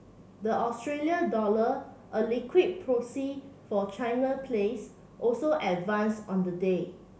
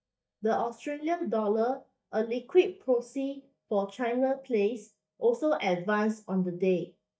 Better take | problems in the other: first | noise reduction (neural mask model DeepFilterNet 3)

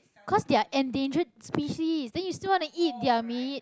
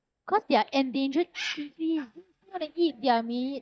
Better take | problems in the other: first | noise reduction (neural mask model DeepFilterNet 3)

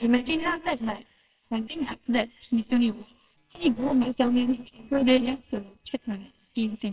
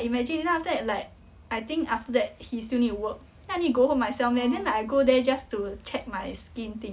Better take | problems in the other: second | noise reduction (neural separator model SepFormer WHAMR!)

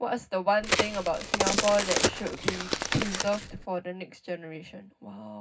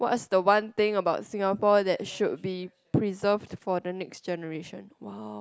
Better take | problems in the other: second | background sound (Crack); 1 dB above the speech // room echo; dies away in 0.4 s

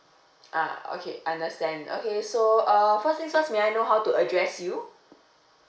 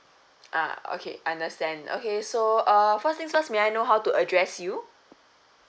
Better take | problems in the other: second | room echo; dies away in 0.4 s

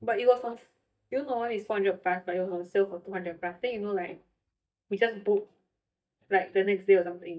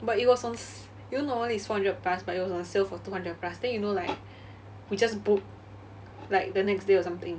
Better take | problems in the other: second | noise reduction (neural mask model DeepFilterNet 3)

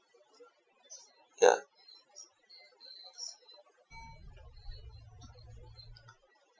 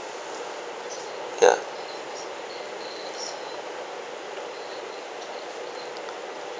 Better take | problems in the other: second | noise reduction (classical method Wiener filter)

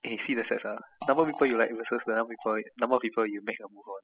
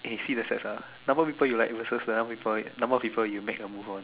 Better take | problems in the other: second | noise reduction (classical method spectral subtraction)

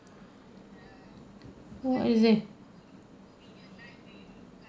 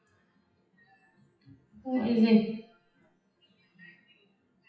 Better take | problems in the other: first | noise reduction (classical method WPE with log-MMSE)

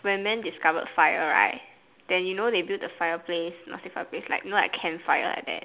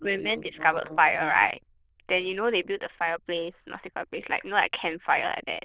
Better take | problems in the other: first | noise reduction (neural diffusion model UNIVERSE++)

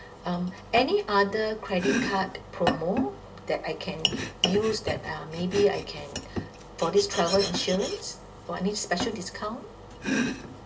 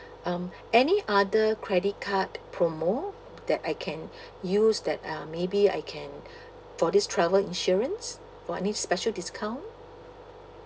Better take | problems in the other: second | background sound (Domestic sounds, home sounds); 5 dB below the speech // room echo; dies away in 0.5 s

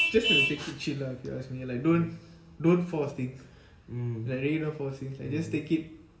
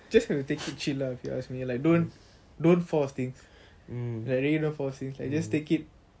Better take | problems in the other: second | background sound (Vehicle horn, car horn, honking); 6 dB below the speech // room echo; dies away in 0.7 s

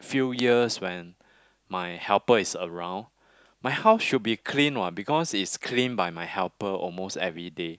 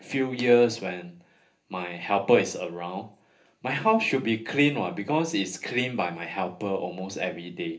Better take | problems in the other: first | room echo; dies away in 0.3 s

